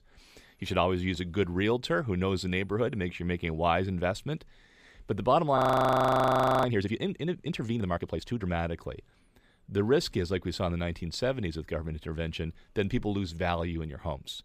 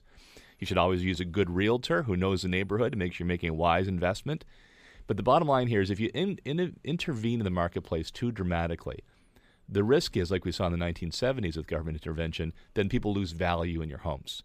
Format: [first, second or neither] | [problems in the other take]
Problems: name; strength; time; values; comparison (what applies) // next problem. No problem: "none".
second | audio freezing; at 5.5 s for 1 s